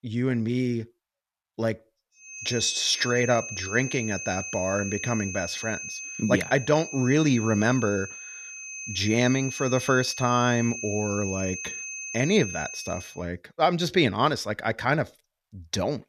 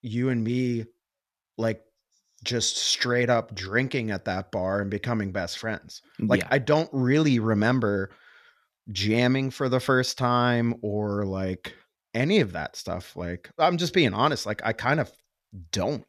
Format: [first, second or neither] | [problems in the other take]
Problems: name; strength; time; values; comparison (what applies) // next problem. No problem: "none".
second | high-pitched whine; loud; from 2.5 to 13 s; 2.5 kHz, 8 dB below the speech